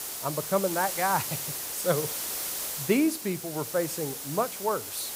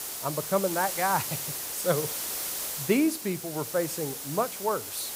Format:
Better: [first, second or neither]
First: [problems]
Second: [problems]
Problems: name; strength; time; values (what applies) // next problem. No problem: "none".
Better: neither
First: hiss; loud; throughout; 3 dB below the speech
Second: hiss; loud; throughout; 3 dB below the speech